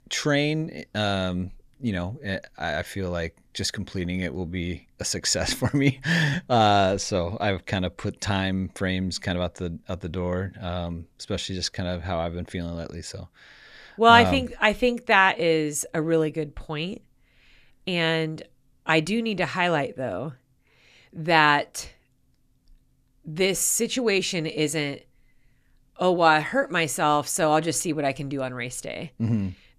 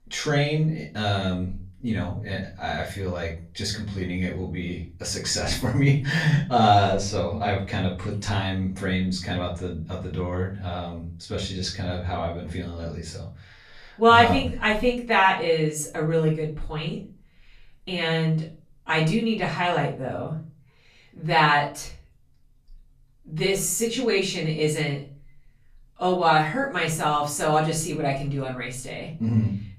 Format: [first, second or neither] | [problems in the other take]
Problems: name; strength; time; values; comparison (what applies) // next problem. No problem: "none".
first | off-mic speech; far // room echo; slight; dies away in 0.3 s